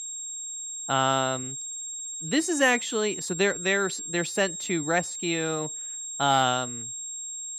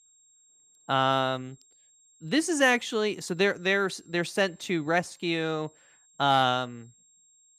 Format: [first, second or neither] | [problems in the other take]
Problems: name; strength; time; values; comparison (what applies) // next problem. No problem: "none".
second | high-pitched whine; loud; throughout; 7.5 kHz, 7 dB below the speech; faint in the second